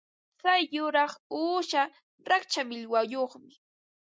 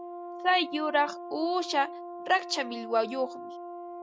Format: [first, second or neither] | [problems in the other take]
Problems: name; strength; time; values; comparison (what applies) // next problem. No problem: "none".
first | background sound (Brass instrument); 10 dB below the speech